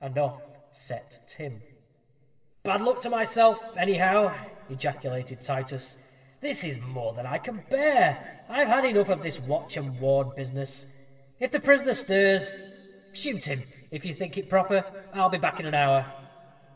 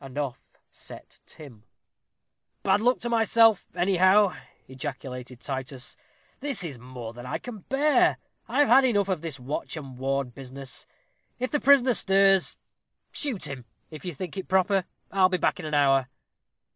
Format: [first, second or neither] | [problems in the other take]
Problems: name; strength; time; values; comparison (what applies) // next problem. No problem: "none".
second | room echo; dies away in 2.9 s